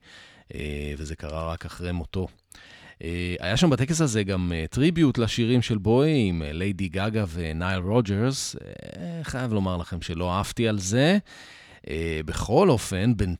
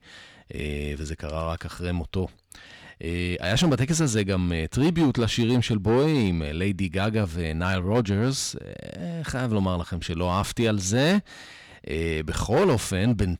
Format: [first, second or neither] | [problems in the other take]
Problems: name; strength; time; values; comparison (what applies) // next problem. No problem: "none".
first | distortion; slight; 4% of the sound clipped